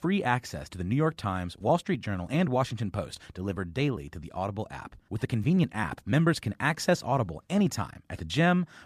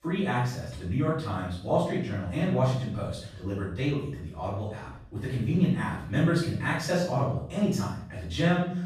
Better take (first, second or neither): first